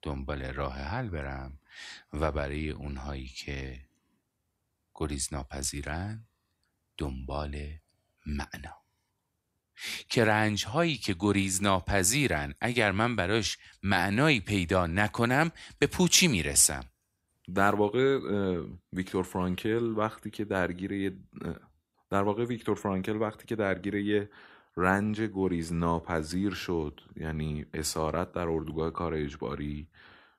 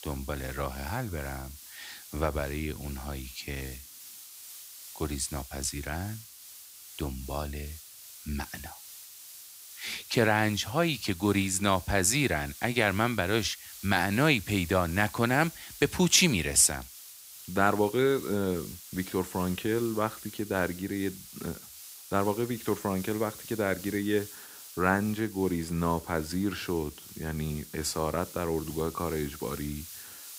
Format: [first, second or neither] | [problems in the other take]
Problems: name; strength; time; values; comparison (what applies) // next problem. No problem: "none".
first | hiss; noticeable; throughout; 15 dB below the speech